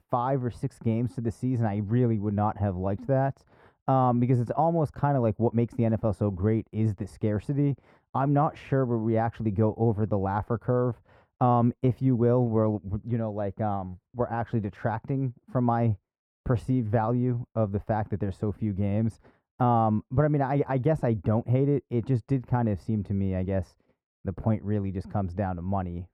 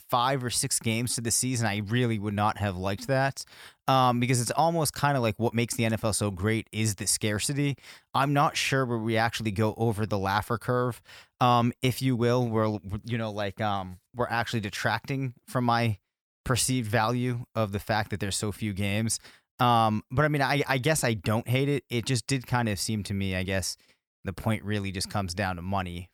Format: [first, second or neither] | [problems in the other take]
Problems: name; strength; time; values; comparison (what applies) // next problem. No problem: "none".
second | muffled; very; fading above 2 kHz